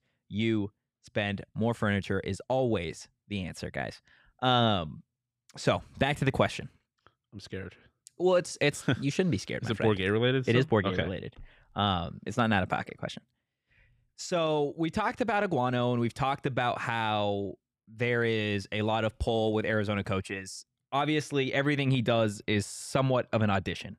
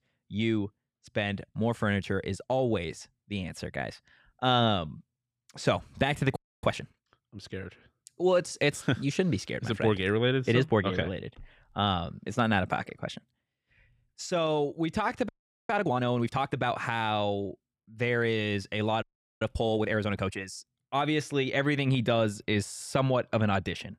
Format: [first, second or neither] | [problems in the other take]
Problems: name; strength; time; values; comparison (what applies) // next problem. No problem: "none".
first | audio freezing; at 6.5 s, at 15 s and at 19 s